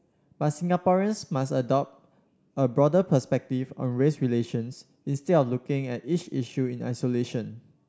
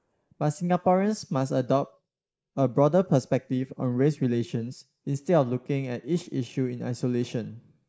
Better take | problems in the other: first | noise reduction (neural mask model Resemble Enhance denoiser)

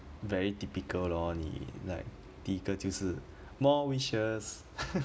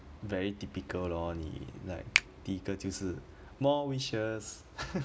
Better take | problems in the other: first | background sound (Finger snapping); 3 dB below the speech

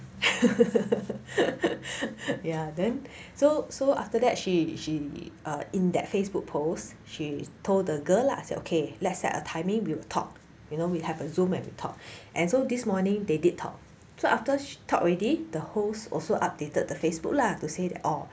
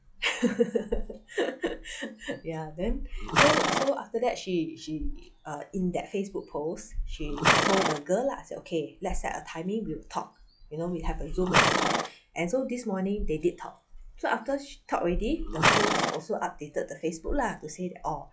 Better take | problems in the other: first | noise reduction (classical method log-MMSE)

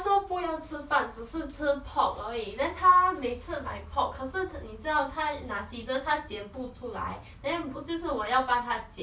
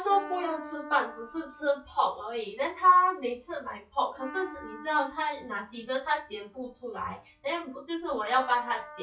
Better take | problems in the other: first | noise reduction (classical method log-MMSE)

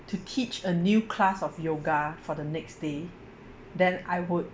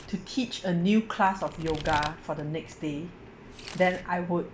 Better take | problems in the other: first | background sound (Domestic sounds, home sounds); 16 dB below the speech

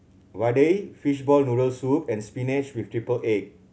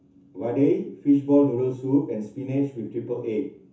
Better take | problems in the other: first | room echo; dies away in 0.9 s

